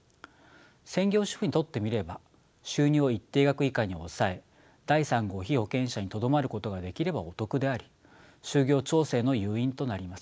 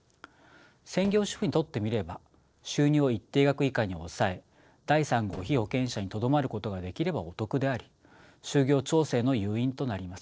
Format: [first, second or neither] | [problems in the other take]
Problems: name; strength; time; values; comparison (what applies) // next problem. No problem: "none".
first | noise reduction (neural separator model SepFormer DNS4)